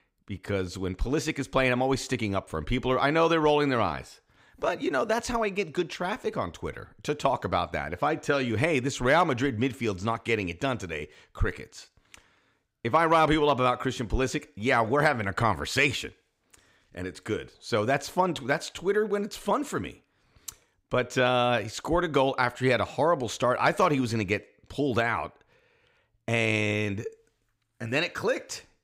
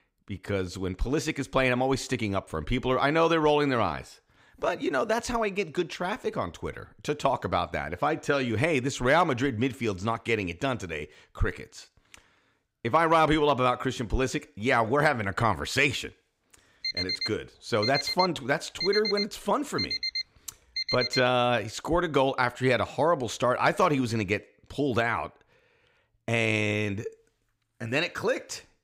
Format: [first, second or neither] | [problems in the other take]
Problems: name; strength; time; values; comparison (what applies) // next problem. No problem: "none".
first | alarm; noticeable; from 17 to 21 s; peak 1 dB below the speech